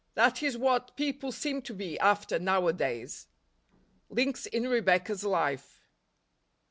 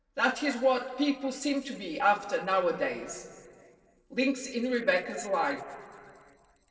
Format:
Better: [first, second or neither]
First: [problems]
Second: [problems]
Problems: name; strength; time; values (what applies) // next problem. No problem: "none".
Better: first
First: none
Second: noise reduction (neural separator model SepFormer DNS4)